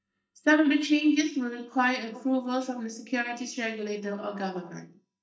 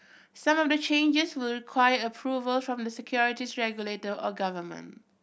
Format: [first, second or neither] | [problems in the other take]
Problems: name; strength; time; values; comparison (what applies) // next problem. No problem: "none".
second | noise reduction (neural mask model DeepFilterNet 3)